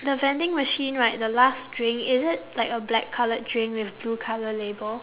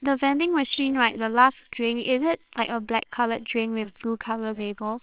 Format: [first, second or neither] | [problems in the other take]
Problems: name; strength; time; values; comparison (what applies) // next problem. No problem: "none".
first | noise reduction (neural separator model SepFormer WHAMR!)